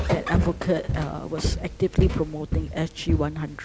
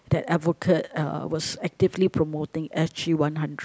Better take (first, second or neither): second